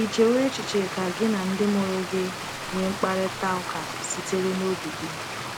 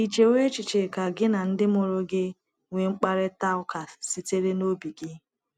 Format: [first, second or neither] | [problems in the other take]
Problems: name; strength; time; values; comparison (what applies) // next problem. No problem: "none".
second | background sound (Stream); 7 dB below the speech